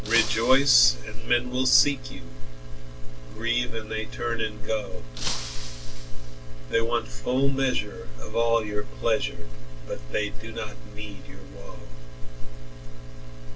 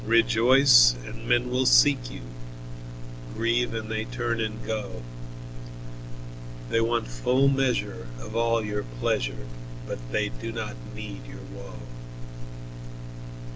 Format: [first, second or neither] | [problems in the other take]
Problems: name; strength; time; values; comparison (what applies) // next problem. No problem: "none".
second | background sound (Shatter); 16 dB below the speech // room echo; dies away in 0.1 s